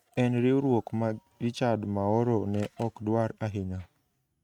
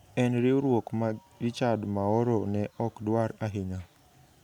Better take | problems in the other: second | noise reduction (neural mask model RNNoise)

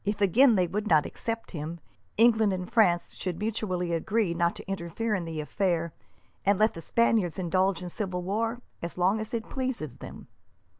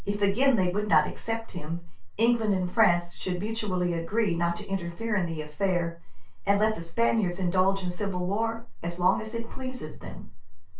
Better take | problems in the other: first | room echo; dies away in 0.3 s

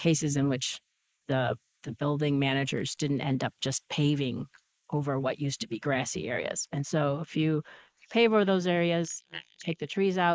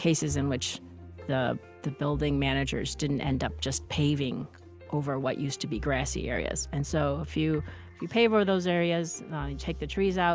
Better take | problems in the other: second | noise reduction (neural mask model Resemble Enhance denoiser)

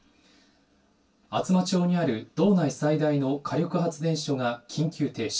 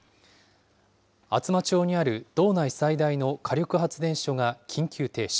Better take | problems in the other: second | room echo; dies away in 0.1 s

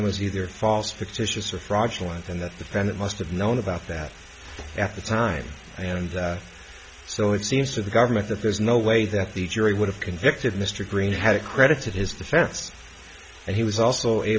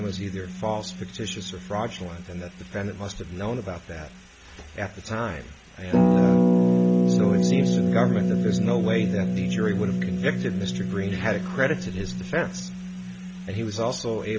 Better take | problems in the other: first | background sound (Harp); 5 dB above the speech

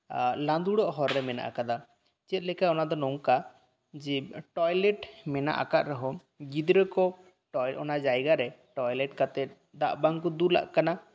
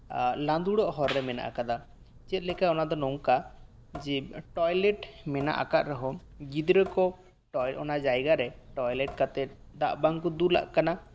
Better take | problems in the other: first | background sound (Drip / Sink (filling or washing) / Water tap, faucet); 20 dB below the speech

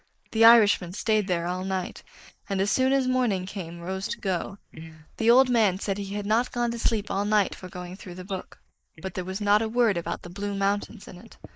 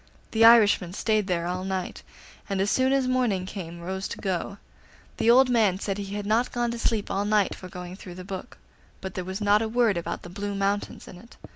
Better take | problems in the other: second | noise reduction (neural mask model Resemble Enhance denoiser)

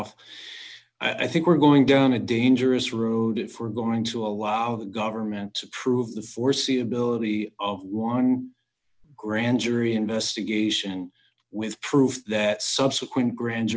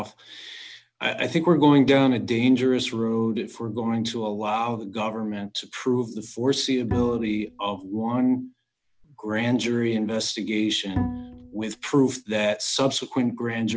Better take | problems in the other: first | background sound (Bowed string instrument); 7 dB below the speech

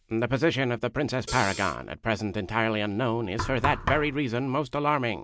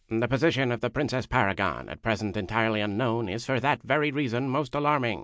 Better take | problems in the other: second | background sound (Hi-hat + Knock); 8 dB below the speech

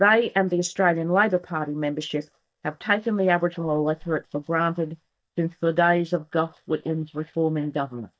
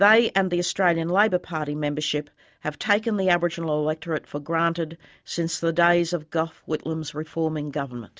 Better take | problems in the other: second | noise reduction (neural mask model DeepFilterNet 3)

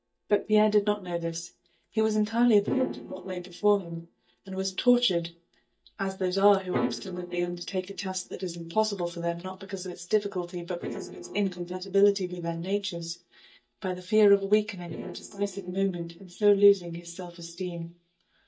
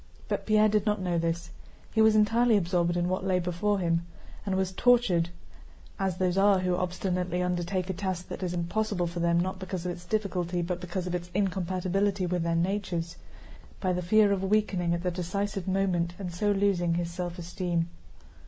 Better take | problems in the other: second | noise reduction (neural mask model DeepFilterNet 3)

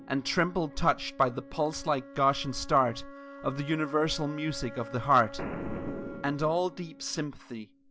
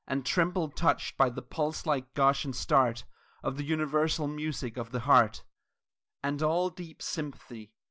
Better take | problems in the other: second | background sound (Boom + Wind instrument, woodwind instrument); 13 dB below the speech

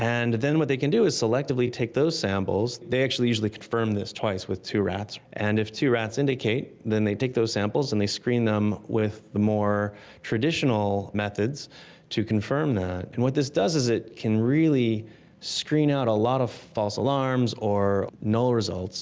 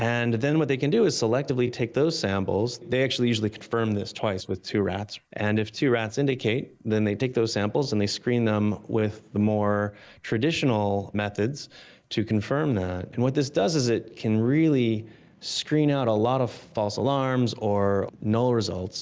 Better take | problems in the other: first | noise reduction (neural mask model Resemble Enhance denoiser)

